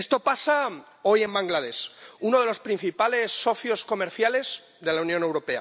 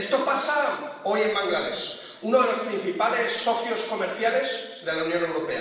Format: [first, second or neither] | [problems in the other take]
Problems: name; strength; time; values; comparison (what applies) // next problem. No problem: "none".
first | room echo; dies away in 1.1 s